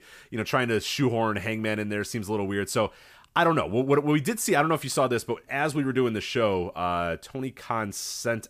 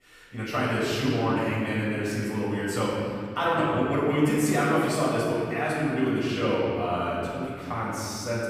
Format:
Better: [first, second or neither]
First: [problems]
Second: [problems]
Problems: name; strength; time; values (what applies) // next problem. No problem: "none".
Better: first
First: none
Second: room echo; strong; dies away in 2.6 s // off-mic speech; far